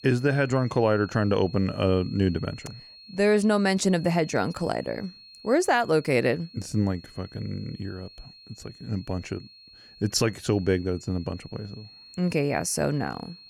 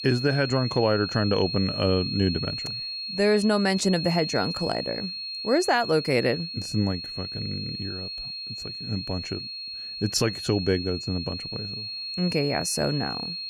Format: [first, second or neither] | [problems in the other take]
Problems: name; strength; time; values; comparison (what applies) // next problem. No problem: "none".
first | high-pitched whine; loud; throughout; 4.5 kHz, 6 dB below the speech; faint in the first